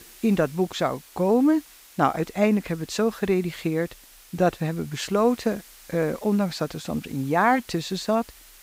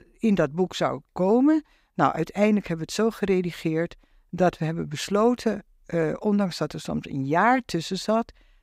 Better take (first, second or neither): second